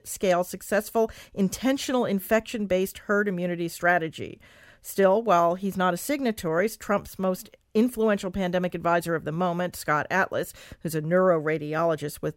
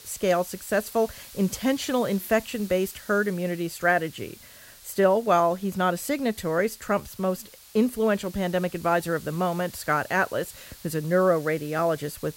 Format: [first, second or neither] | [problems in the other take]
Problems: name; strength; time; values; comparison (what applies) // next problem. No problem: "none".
first | hiss; noticeable; throughout; 20 dB below the speech